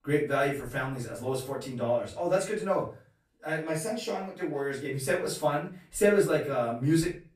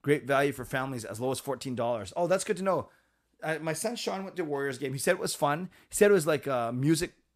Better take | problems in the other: second | off-mic speech; far // room echo; slight; dies away in 0.3 s

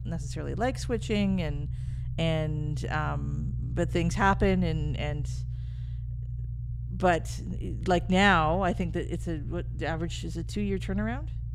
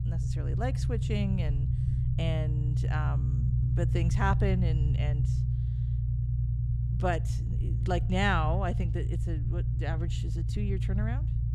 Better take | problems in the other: first | low rumble; loud; throughout; 8 dB below the speech; faint in the first

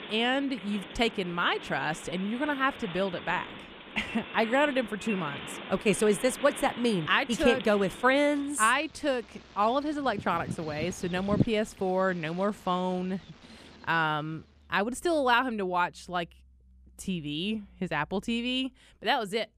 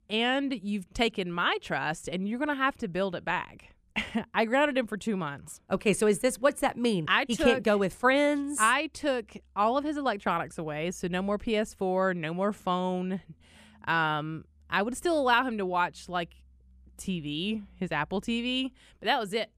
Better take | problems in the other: second | animal sounds; noticeable; until 14 s; 10 dB below the speech

